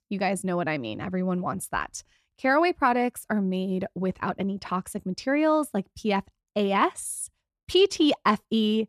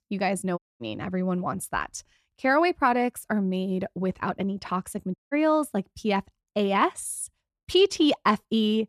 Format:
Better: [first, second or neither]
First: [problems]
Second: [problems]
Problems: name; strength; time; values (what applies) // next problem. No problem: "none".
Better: first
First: none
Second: audio cutting out; at 0.5 s and at 5 s